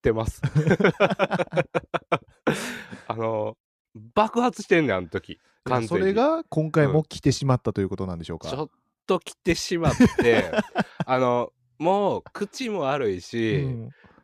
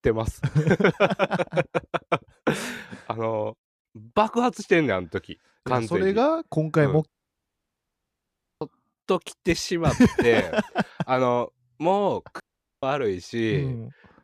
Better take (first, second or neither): first